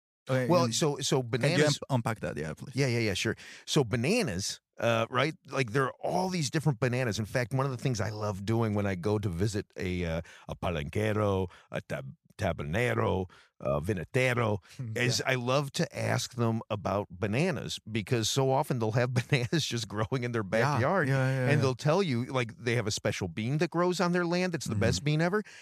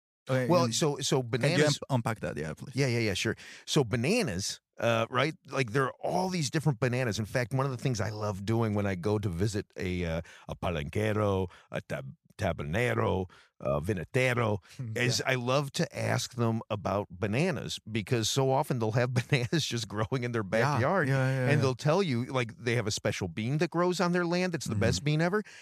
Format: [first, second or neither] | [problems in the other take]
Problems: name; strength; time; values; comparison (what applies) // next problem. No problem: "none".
neither | none